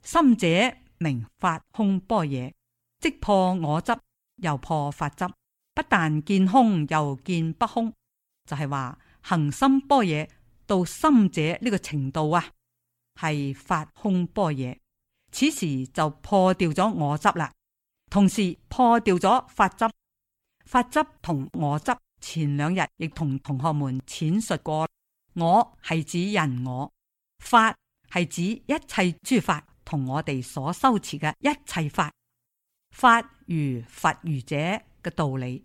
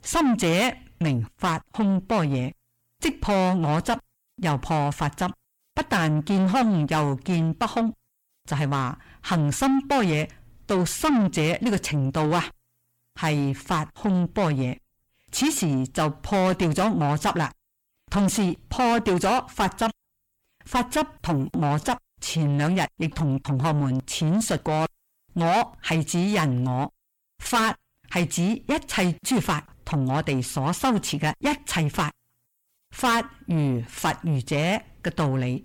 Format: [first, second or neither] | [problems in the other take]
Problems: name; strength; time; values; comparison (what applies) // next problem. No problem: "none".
first | distortion; heavy; 6 dB below the speech